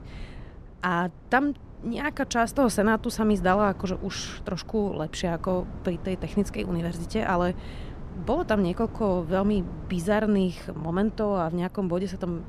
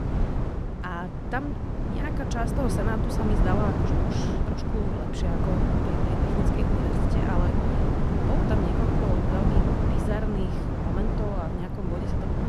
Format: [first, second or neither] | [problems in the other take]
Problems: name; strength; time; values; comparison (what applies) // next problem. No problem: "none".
first | wind noise on the microphone; heavy; 3 dB above the speech; occasional gusts in the first